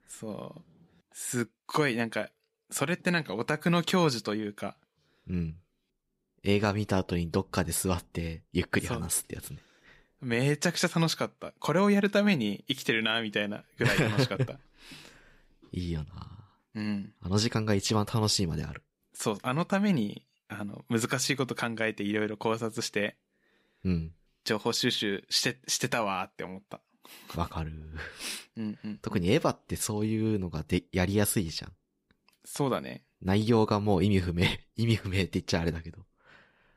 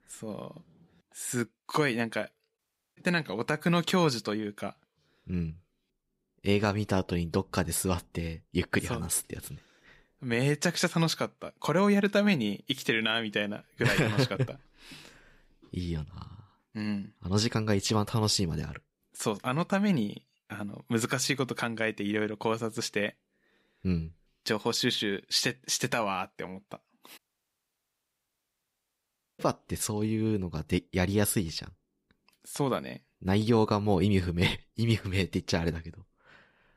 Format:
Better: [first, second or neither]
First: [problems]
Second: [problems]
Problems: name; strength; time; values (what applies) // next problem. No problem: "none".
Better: first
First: none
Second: audio cutting out; at 2.5 s and at 27 s for 2 s